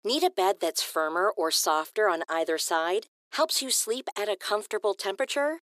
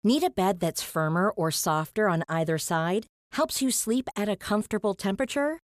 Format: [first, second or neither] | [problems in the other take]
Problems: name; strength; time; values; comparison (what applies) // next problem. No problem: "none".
second | thin; very; fading below 350 Hz